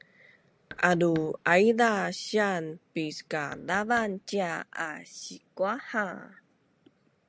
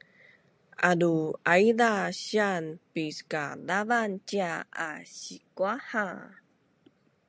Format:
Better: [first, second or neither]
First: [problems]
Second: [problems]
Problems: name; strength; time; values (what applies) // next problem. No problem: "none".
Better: second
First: background sound (Knock); 20 dB below the speech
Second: none